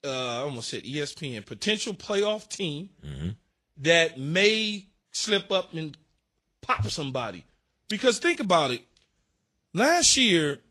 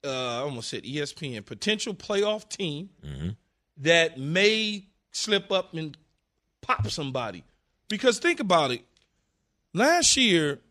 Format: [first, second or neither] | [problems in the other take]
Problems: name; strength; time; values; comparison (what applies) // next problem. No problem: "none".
second | garbled, watery; slightly